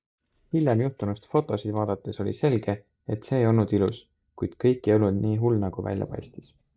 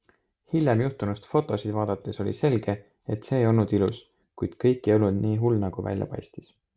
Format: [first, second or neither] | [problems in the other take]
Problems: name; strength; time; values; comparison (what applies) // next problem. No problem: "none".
second | noise reduction (neural mask model DeepFilterNet 3)